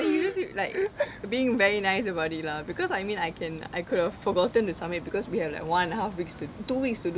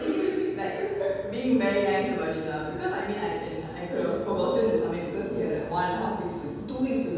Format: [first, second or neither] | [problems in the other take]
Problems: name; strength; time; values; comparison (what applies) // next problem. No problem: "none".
first | room echo; dies away in 1.2 s